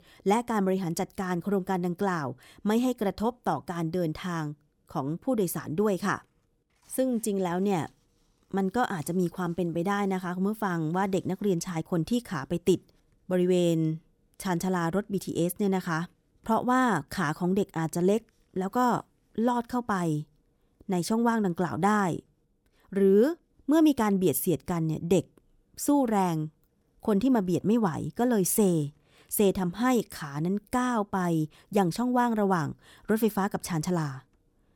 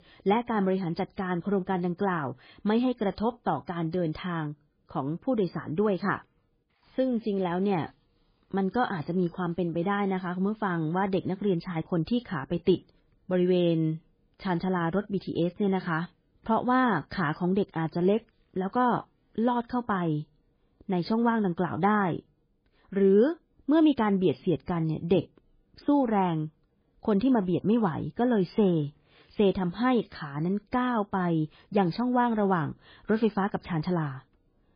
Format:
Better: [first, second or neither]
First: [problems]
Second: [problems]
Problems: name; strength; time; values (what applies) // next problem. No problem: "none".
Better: first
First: none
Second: garbled, watery; badly